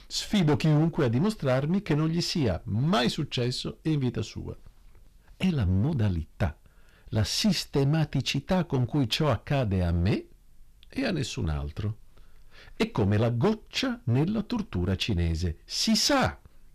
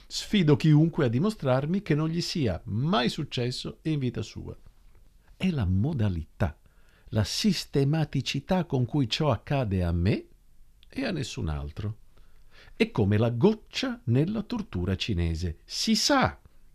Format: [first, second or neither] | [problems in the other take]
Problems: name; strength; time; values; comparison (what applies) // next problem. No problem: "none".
second | distortion; slight; 7% of the sound clipped